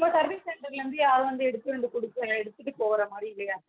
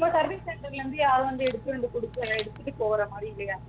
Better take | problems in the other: first | background sound (Engine + Camera); 14 dB below the speech

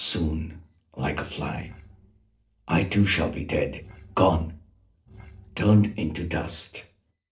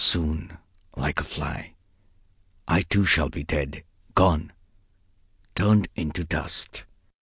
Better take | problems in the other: second | noise reduction (neural separator model SepFormer DNS4)

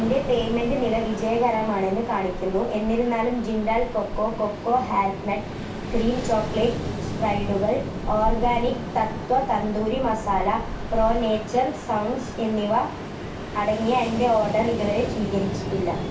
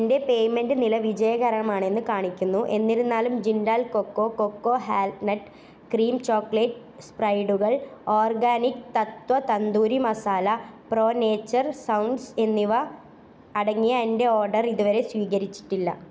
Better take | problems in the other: second | background sound (Ocean); 6 dB below the speech // room echo; dies away in 0.2 s

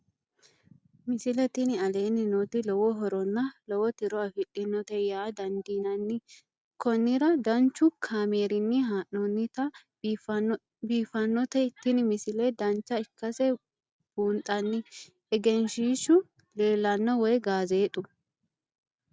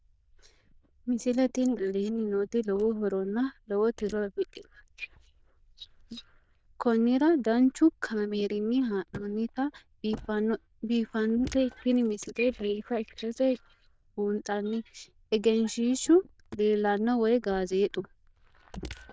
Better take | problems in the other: first | noise reduction (neural diffusion model UNIVERSE++)

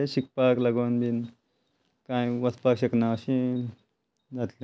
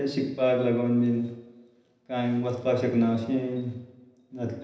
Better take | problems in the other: first | room echo; dies away in 0.9 s

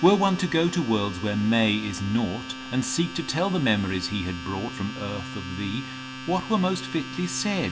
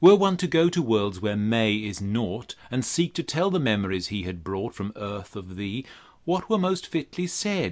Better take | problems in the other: second | background sound (Domestic sounds, home sounds); 11 dB below the speech // room echo; dies away in 0.6 s

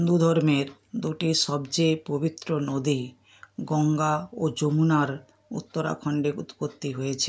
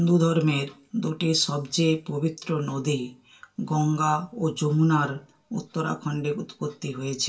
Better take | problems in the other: first | room echo; dies away in 0.2 s

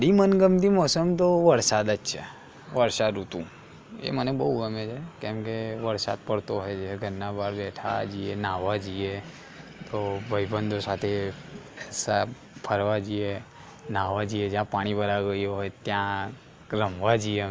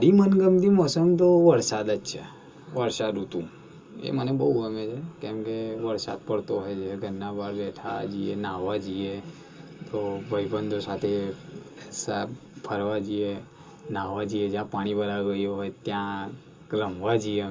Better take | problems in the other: first | room echo; dies away in 0.2 s

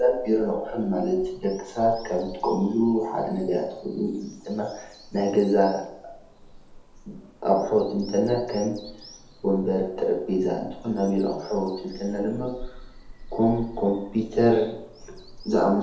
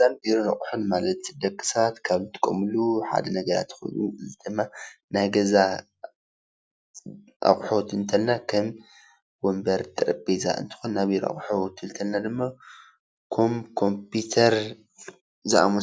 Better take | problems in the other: second | background sound (Bird vocalization, bird call, bird song); 18 dB below the speech // room echo; dies away in 1.9 s

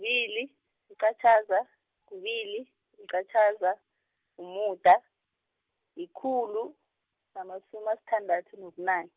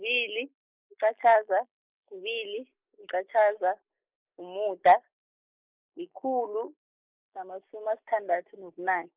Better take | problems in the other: first | noise reduction (neural mask model Resemble Enhance denoiser)

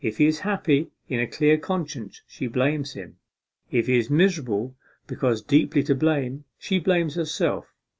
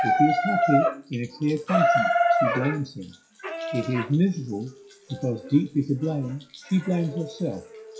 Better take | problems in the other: first | noise reduction (classical method WPE with log-MMSE)

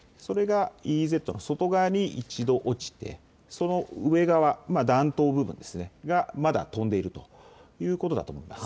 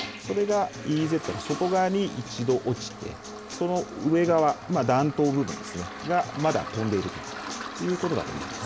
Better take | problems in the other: first | background sound (Acoustic guitar + Toilet flush); 11 dB below the speech

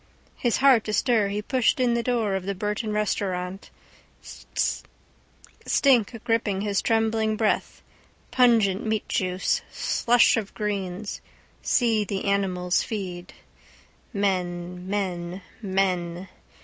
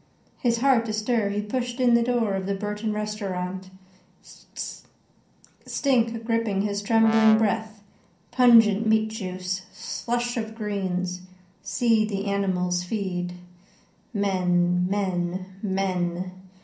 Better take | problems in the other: first | background sound (Brass instrument); 8 dB below the speech // room echo; dies away in 0.6 s

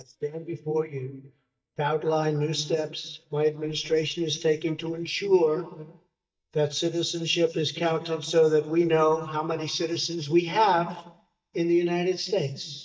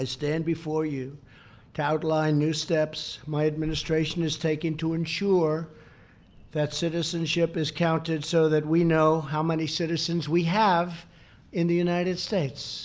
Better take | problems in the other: second | noise reduction (neural mask model DeepFilterNet 3)

